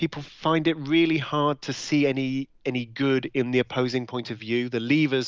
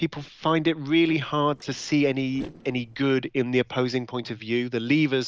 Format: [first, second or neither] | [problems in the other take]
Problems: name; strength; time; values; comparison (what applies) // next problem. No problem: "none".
first | noise reduction (neural separator model SepFormer DNS4)